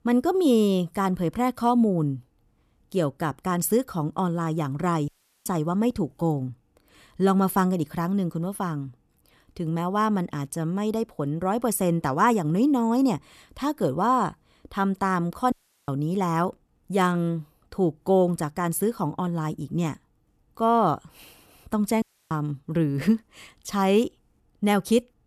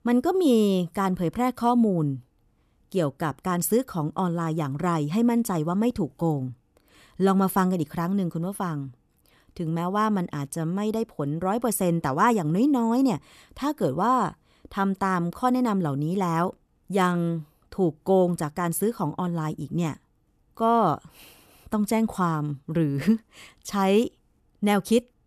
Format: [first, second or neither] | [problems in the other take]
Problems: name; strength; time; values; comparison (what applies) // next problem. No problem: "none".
second | audio cutting out; at 5 s, at 16 s and at 22 s